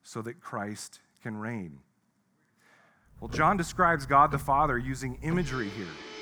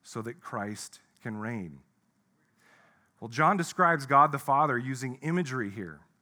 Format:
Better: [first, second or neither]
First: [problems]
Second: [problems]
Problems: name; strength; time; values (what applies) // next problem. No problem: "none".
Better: second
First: household noises; noticeable; from 3 s on; 15 dB below the speech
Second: none